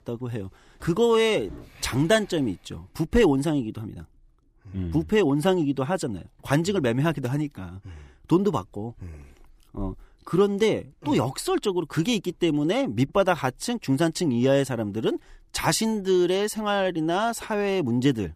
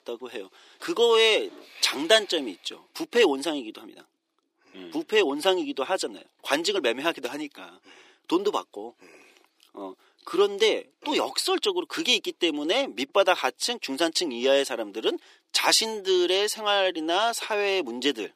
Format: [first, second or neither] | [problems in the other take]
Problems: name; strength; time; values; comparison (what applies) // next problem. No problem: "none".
first | thin; somewhat; fading below 350 Hz